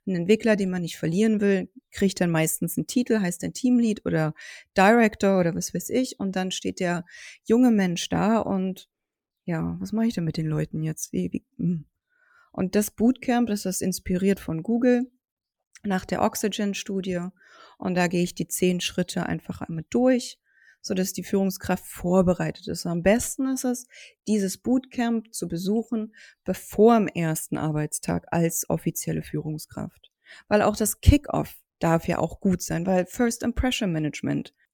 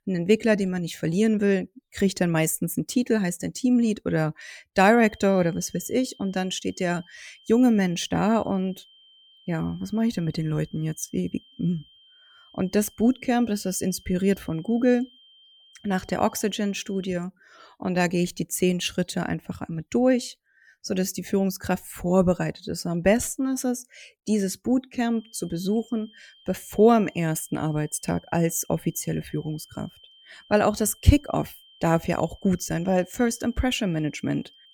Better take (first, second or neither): first